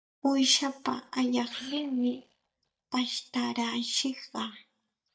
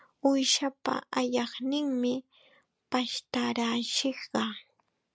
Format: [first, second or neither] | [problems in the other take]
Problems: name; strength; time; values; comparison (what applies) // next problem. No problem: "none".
second | noise reduction (neural mask model DeepFilterNet 3)